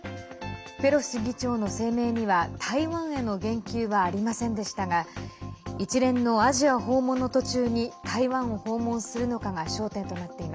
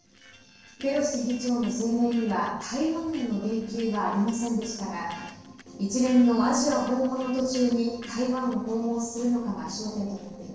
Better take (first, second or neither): first